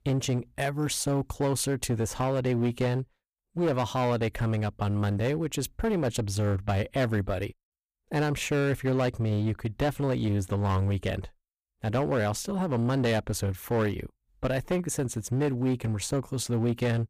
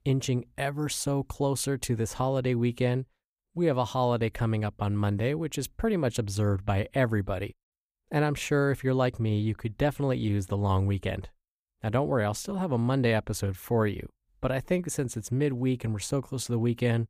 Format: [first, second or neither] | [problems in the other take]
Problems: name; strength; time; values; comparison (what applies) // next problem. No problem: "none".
second | distortion; slight; 11% of the sound clipped